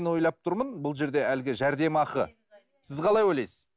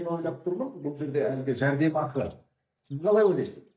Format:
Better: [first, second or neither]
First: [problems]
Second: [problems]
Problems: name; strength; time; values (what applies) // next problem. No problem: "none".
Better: first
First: none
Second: noise reduction (neural mask model DeepFilterNet 3)